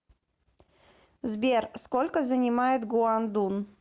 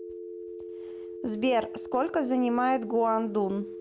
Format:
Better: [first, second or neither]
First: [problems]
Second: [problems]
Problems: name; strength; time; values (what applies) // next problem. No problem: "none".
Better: first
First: none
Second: background sound (Telephone); 11 dB below the speech